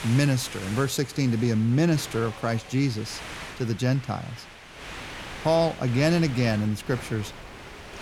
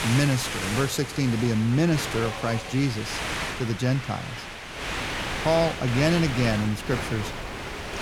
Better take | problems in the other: first | wind noise on the microphone; heavy; 2 dB below the speech; occasional gusts in the first

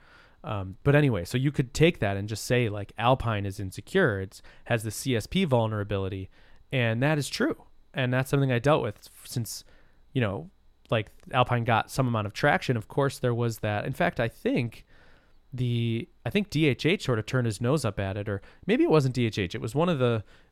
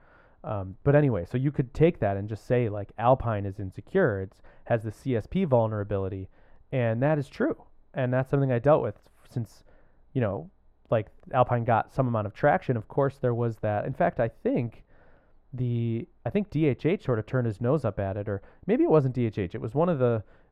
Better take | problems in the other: first | muffled; very; fading above 2.5 kHz

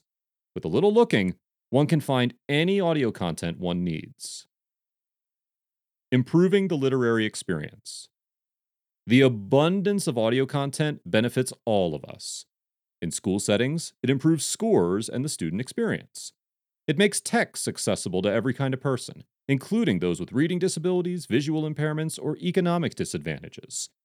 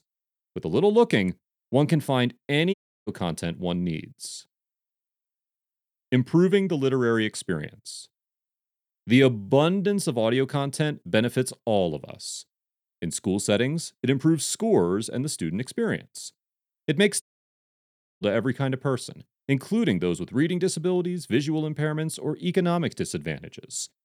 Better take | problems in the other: first | audio cutting out; at 2.5 s and at 17 s for 1 s

